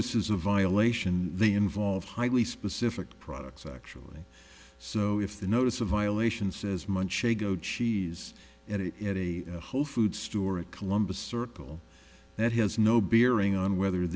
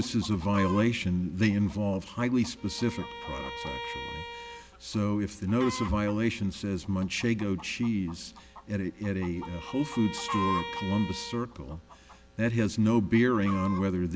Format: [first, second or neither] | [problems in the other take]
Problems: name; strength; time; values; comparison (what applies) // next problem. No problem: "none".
first | background sound (Bowed string instrument + Chicken, rooster); 12 dB below the speech